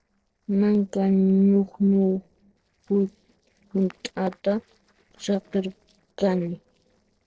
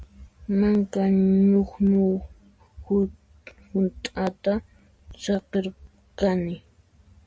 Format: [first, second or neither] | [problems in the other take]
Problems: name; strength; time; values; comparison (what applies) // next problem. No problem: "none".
second | noise reduction (neural separator model SepFormer DNS4)